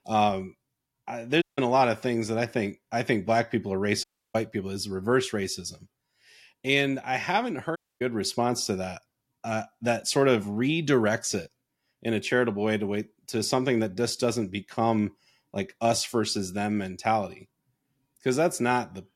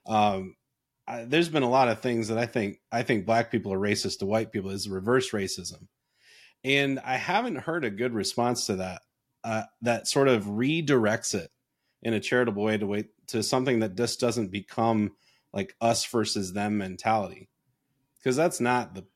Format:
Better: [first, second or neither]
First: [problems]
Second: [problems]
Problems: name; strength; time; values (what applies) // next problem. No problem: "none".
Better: second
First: audio cutting out; at 1.5 s, at 4 s and at 8 s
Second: none